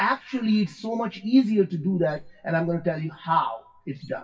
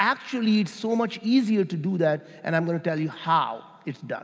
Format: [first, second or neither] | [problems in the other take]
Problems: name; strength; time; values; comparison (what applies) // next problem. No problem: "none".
second | noise reduction (classical method WPE with log-MMSE)